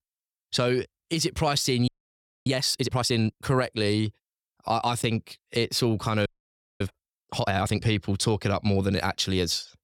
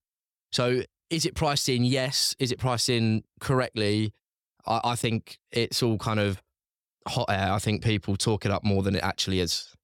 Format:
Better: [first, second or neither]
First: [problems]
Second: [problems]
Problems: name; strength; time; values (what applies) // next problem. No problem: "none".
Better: second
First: audio freezing; at 2 s for 0.5 s and at 6.5 s for 0.5 s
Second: none